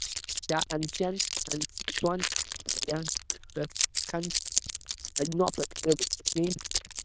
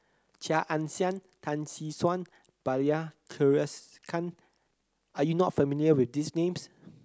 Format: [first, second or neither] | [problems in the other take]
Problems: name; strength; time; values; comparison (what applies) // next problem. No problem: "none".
second | noise reduction (neural diffusion model UNIVERSE++)